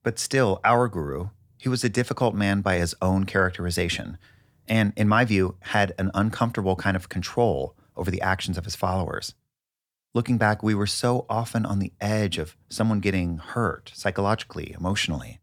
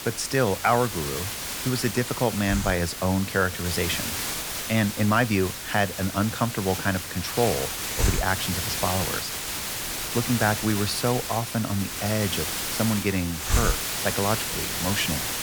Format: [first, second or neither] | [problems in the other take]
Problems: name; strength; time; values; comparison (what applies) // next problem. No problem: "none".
first | hiss; loud; throughout; 2 dB below the speech